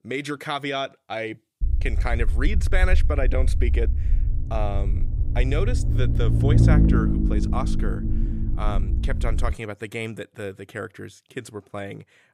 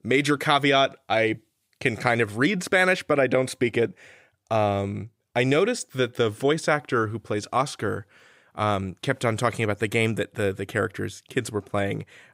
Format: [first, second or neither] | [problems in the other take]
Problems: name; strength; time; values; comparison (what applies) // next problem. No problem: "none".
second | low rumble; loud; from 1.5 to 9.5 s; 5 dB below the speech